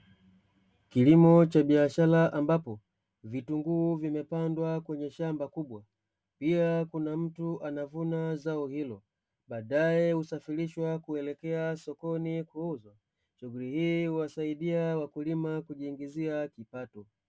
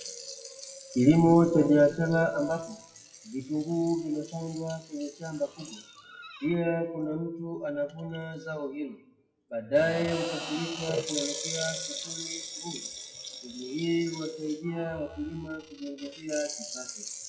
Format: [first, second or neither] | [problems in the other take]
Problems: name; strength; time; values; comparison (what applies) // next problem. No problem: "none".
first | noise reduction (classical method WPE with log-MMSE)